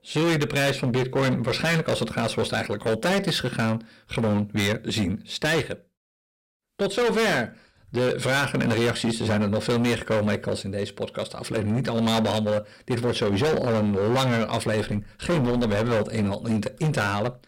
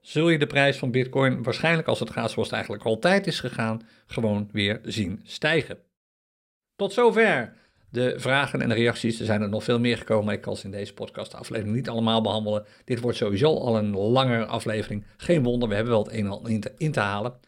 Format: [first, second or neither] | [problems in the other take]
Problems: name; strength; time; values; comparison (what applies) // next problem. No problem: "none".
second | distortion; heavy; 19% of the sound clipped